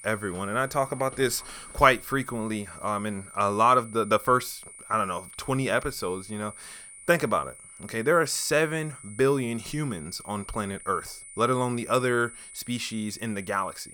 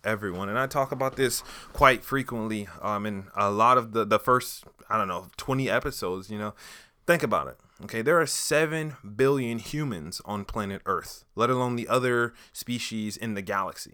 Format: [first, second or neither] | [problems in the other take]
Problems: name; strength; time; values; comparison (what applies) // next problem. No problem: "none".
second | high-pitched whine; noticeable; throughout; 9.5 kHz, 15 dB below the speech